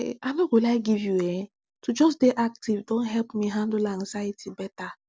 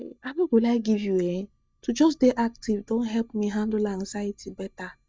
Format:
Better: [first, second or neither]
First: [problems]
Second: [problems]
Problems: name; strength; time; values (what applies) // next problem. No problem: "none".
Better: first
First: none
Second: noise reduction (neural mask model DeepFilterNet 3)